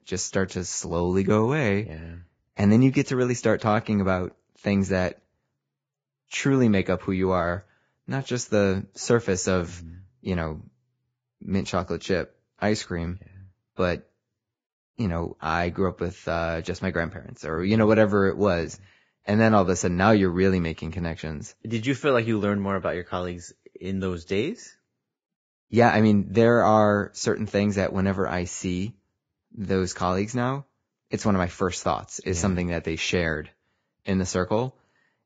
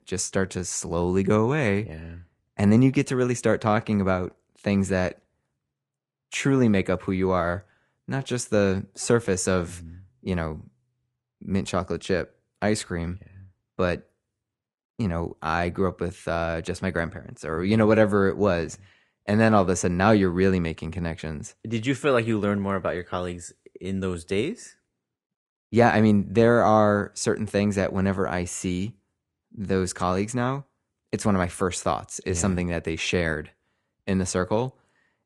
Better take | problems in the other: second | garbled, watery; badly; nothing above 7.5 kHz; slightly in the second

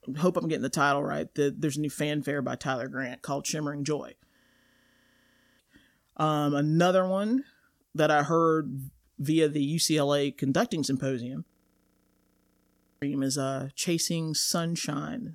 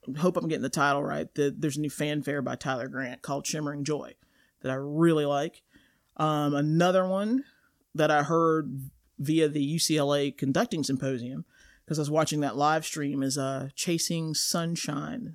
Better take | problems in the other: second | audio freezing; at 4.5 s for 1 s and at 11 s for 1.5 s

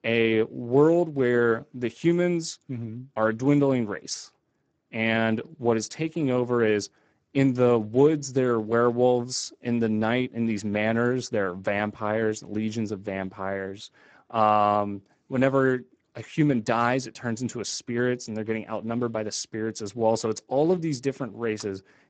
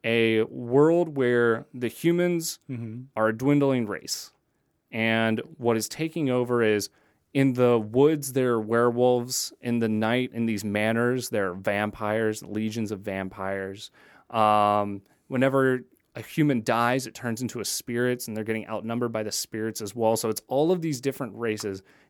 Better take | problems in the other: second | garbled, watery; badly; nothing above 7.5 kHz

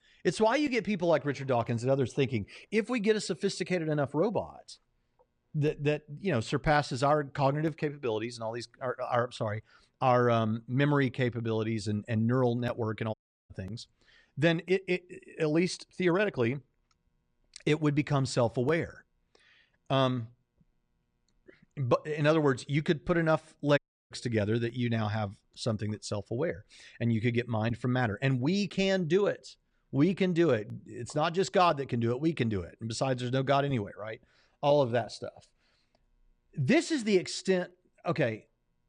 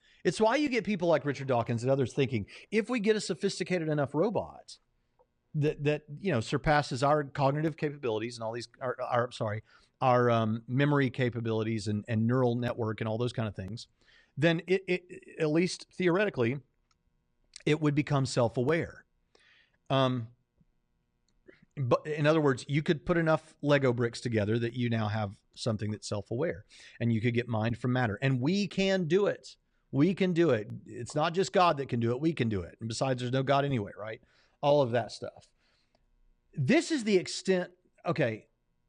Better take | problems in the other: second | audio cutting out; at 13 s and at 24 s

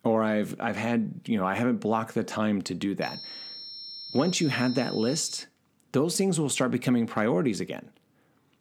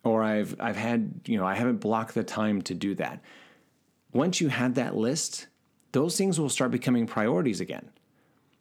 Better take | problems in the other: second | high-pitched whine; noticeable; from 3 to 5.5 s; 5.5 kHz, 10 dB below the speech

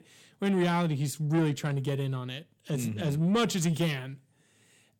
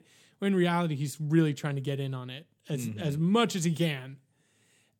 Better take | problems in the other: second | distortion; slight; 10 dB below the speech

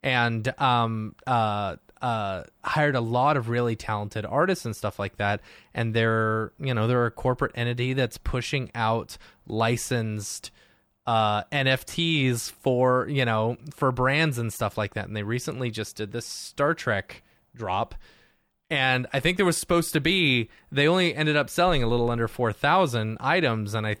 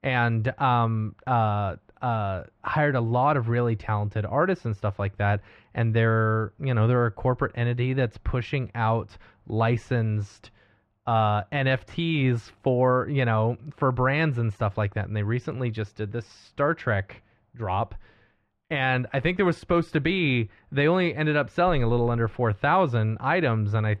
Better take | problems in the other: first | muffled; slightly; fading above 2.5 kHz

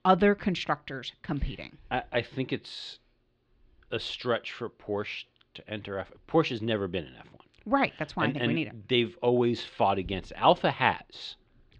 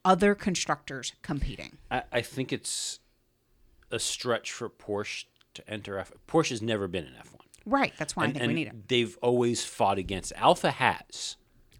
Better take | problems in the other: second | muffled; slightly; fading above 3.5 kHz

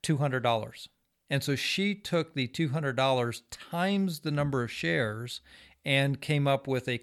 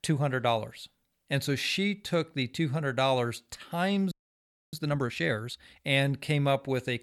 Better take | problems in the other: first | audio freezing; at 4 s for 0.5 s

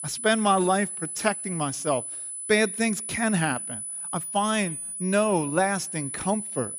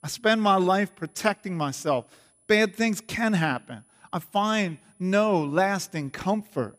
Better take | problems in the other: second | high-pitched whine; loud; throughout; 10 kHz, 6 dB below the speech; faint in the second

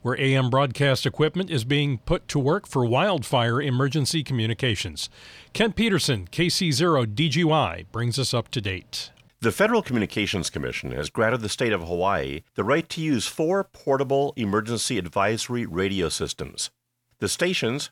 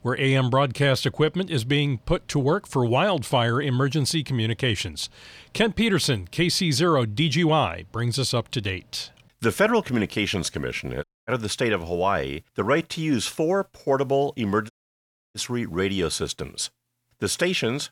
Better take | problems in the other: first | audio cutting out; at 11 s and at 15 s for 0.5 s

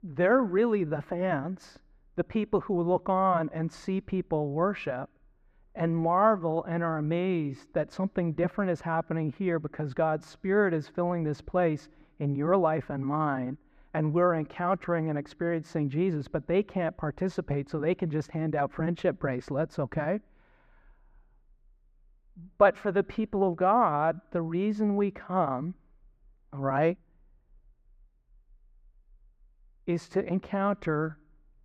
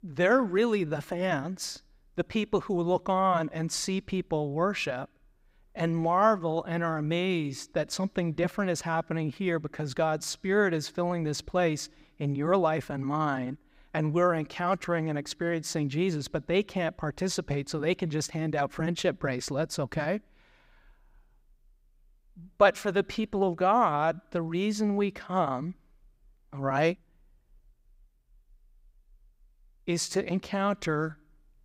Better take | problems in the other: second | muffled; very; fading above 3 kHz

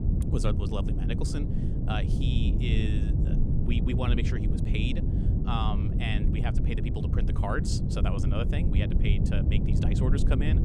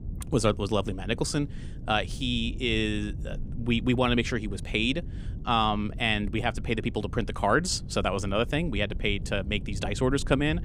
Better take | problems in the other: second | low rumble; loud; throughout; 3 dB below the speech; faint in the second

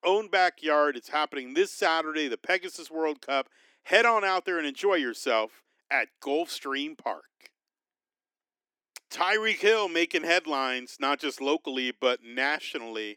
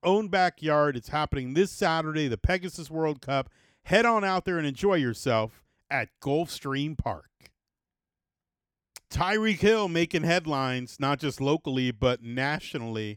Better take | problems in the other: second | thin; somewhat; fading below 300 Hz

